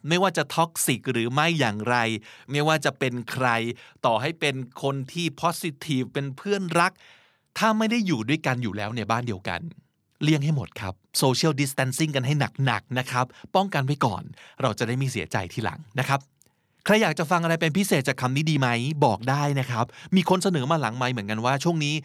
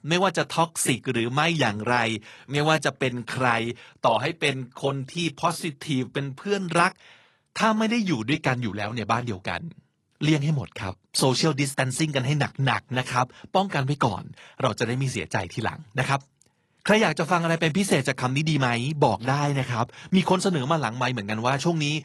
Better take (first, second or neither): first